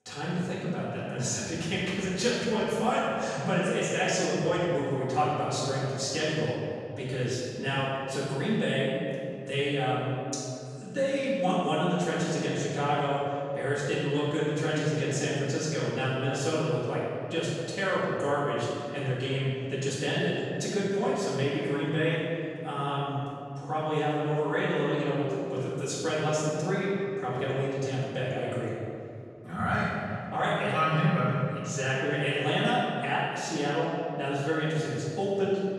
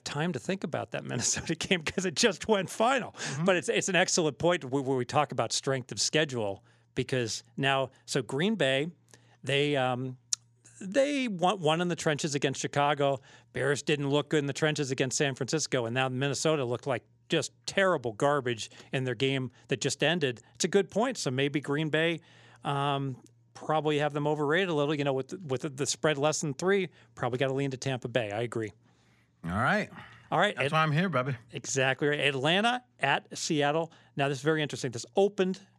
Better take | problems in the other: second | off-mic speech; far // room echo; strong; dies away in 2.4 s

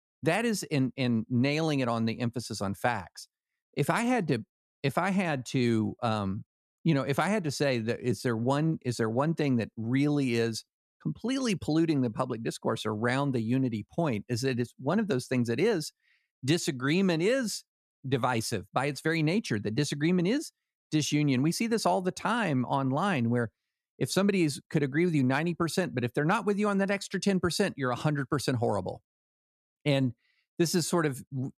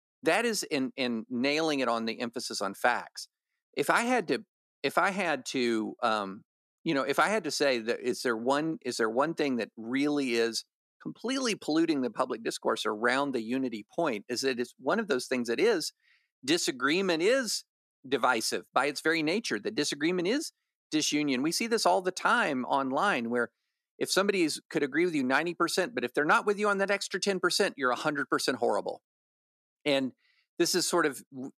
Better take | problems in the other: first | thin; somewhat; fading below 300 Hz

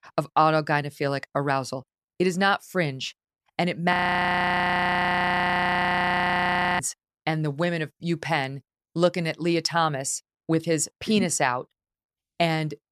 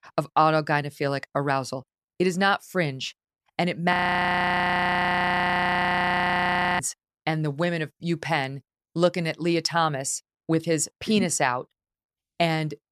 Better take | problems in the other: neither | audio freezing; at 4 s for 3 s; the same in both

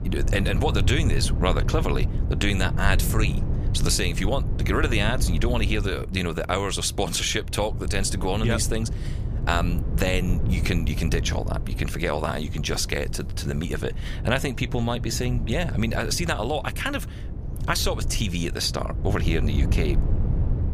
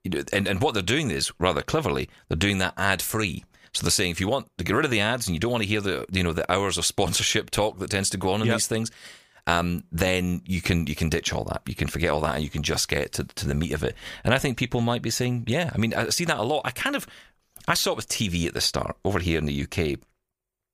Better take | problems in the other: second | wind noise on the microphone; occasional gusts; 15 dB below the speech

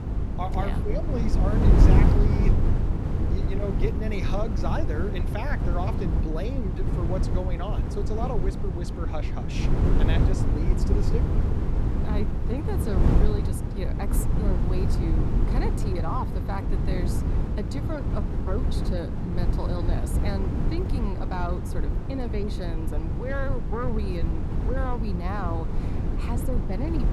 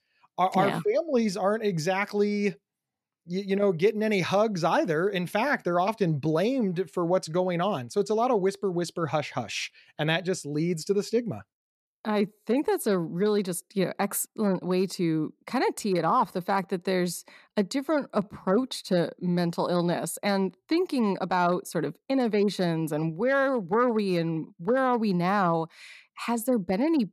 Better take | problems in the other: second | wind noise on the microphone; heavy; 1 dB below the speech

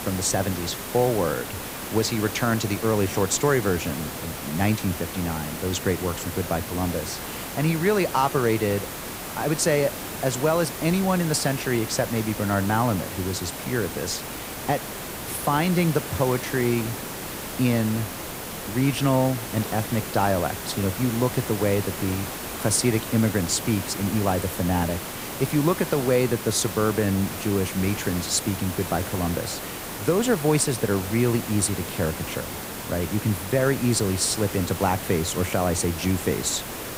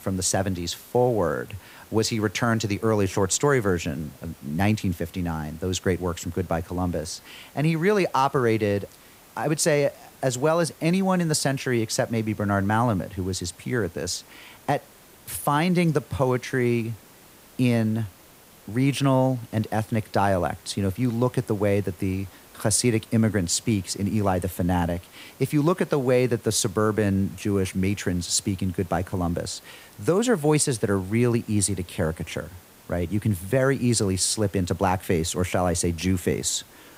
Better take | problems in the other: second | hiss; loud; throughout; 7 dB below the speech; faint in the second

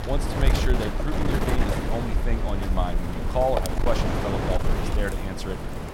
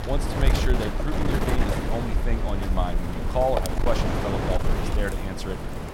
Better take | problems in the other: neither | wind noise on the microphone; heavy; 1 dB below the speech; the same in both

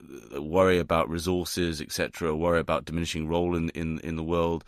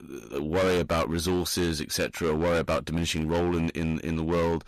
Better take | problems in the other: first | distortion; heavy; 15% of the sound clipped

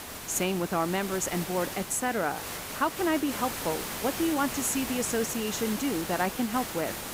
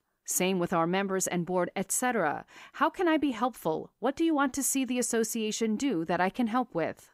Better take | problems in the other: second | hiss; loud; throughout; 5 dB below the speech

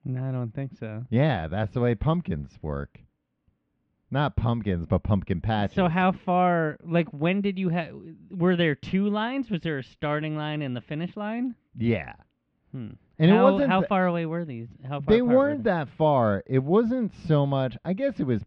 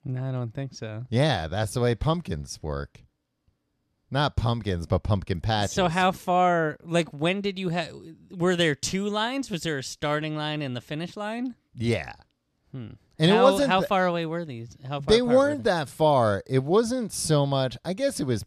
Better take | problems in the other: second | muffled; very; fading above 2.5 kHz

